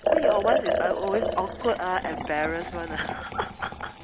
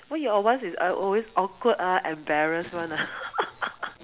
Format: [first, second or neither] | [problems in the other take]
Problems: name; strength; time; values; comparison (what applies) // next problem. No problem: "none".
second | background sound (Liquid); 1 dB above the speech